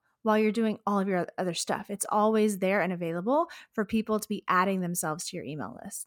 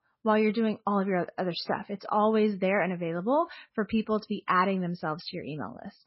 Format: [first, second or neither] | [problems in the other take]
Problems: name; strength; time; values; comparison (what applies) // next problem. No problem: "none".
first | garbled, watery; badly; nothing above 5.5 kHz